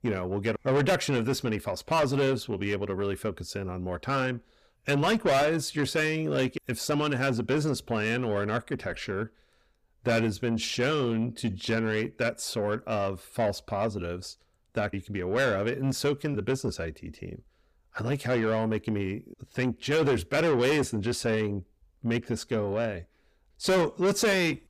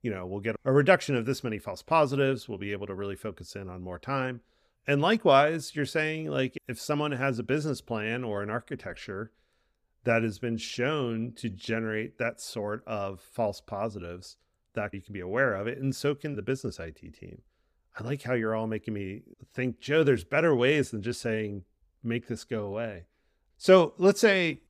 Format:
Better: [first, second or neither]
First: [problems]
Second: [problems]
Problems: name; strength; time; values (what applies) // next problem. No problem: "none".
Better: second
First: distortion; heavy; 6 dB below the speech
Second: none